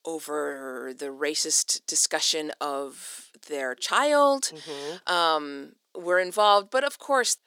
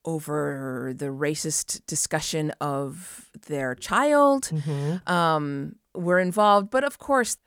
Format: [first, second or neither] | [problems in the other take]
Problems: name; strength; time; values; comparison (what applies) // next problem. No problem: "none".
second | thin; somewhat; fading below 300 Hz